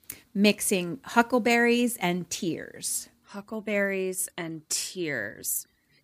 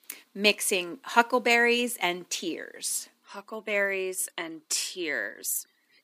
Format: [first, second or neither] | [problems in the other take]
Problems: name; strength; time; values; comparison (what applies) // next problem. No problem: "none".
first | thin; somewhat; fading below 300 Hz